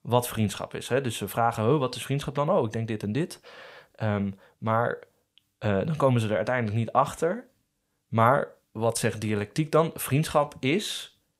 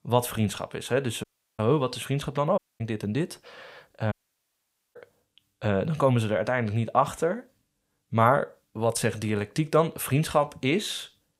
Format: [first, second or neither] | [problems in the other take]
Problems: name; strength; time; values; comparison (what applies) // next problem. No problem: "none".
first | audio cutting out; at 1 s, at 2.5 s and at 4 s for 1 s